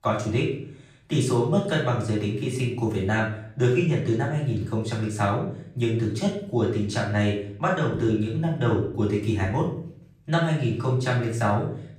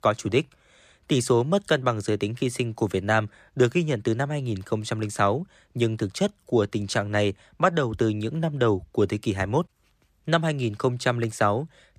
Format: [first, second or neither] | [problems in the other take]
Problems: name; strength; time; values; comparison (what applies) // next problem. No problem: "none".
second | off-mic speech; far // room echo; noticeable; dies away in 0.5 s